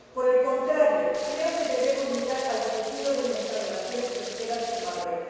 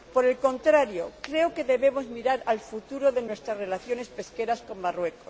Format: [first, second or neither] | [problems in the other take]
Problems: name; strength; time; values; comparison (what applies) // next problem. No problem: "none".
second | background sound (Stream); 13 dB below the speech // room echo; dies away in 1.9 s